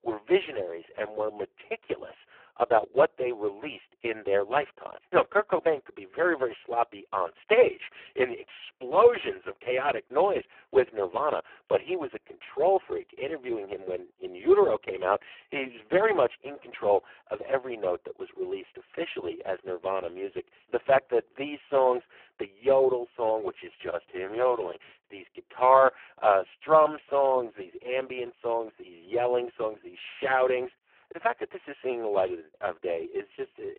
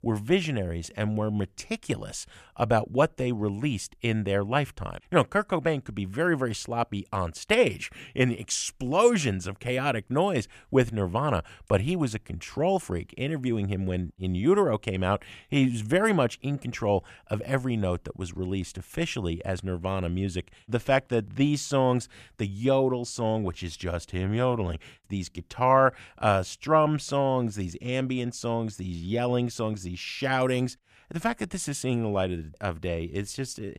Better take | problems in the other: second | phone-call audio; poor line

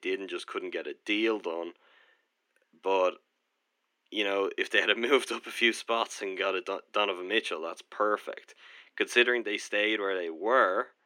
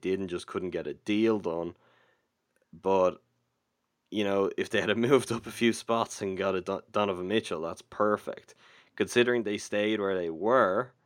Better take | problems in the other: second | thin; somewhat; fading below 300 Hz

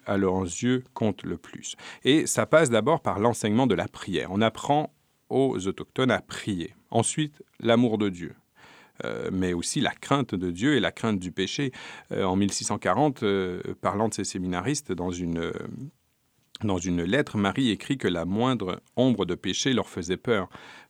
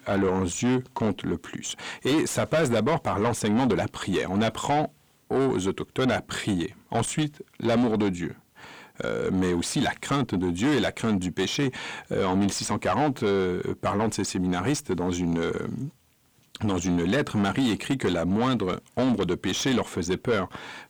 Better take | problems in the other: first | distortion; heavy; 7 dB below the speech

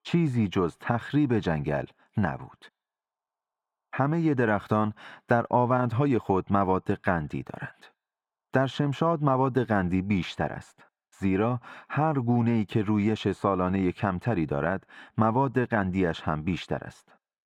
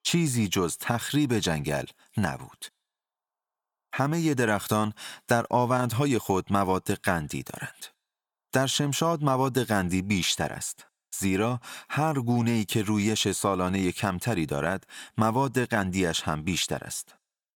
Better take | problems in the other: second | muffled; very; fading above 4 kHz

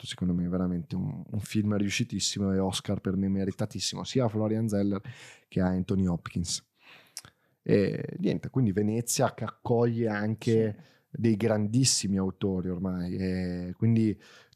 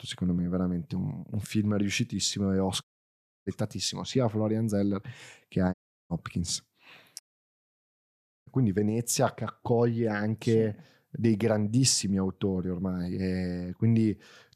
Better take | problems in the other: first | audio cutting out; at 3 s for 0.5 s, at 5.5 s and at 7 s for 1.5 s

